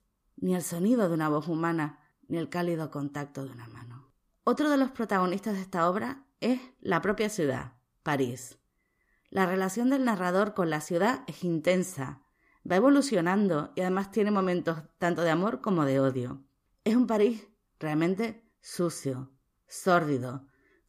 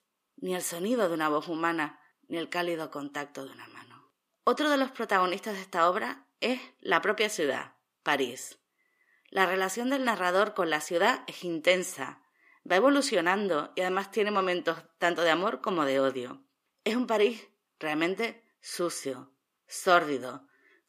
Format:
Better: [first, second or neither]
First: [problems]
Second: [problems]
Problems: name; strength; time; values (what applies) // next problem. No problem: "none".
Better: first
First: none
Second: thin; somewhat; fading below 350 Hz